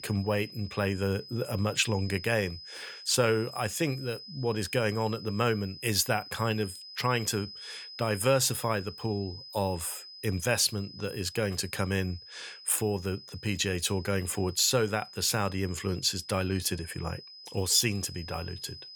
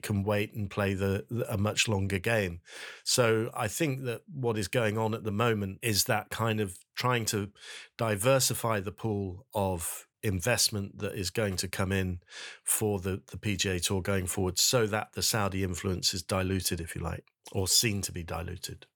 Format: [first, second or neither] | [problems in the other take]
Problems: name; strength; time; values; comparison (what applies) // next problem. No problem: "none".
second | high-pitched whine; noticeable; throughout; 5 kHz, 15 dB below the speech